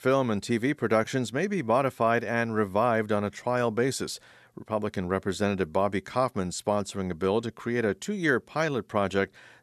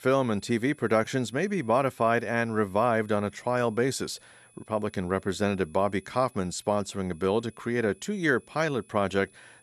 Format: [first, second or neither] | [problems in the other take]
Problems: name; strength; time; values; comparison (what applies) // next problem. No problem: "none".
first | high-pitched whine; faint; throughout; 10 kHz, 30 dB below the speech